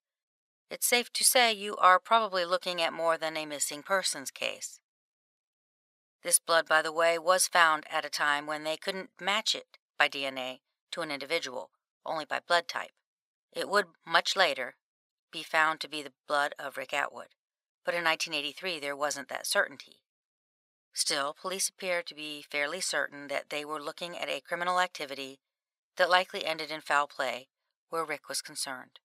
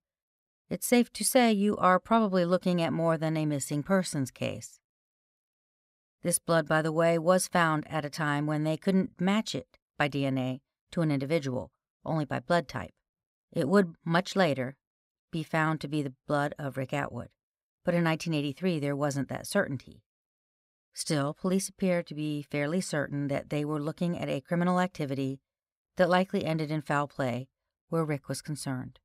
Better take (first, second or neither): second